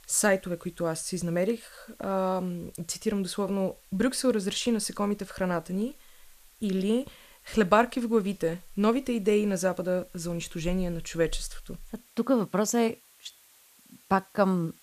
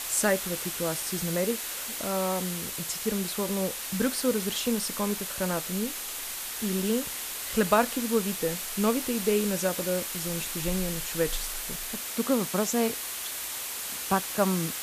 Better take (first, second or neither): first